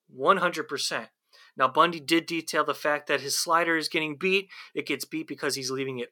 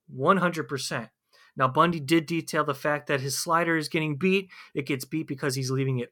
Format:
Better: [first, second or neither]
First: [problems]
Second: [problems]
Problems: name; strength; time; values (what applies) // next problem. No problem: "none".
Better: second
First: thin; somewhat; fading below 300 Hz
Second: none